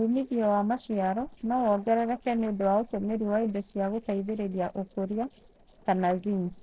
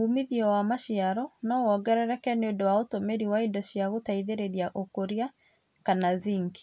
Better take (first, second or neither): second